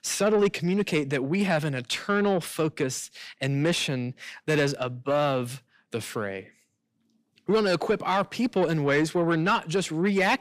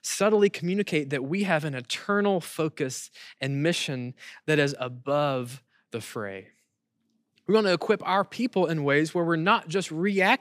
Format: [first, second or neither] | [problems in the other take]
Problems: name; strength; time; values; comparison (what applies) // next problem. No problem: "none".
second | distortion; slight; 10 dB below the speech